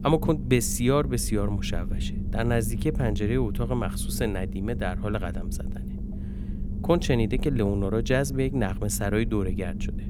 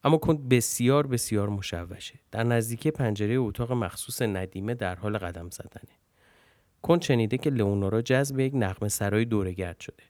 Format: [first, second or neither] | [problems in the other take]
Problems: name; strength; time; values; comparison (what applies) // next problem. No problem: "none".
second | low rumble; noticeable; throughout; 15 dB below the speech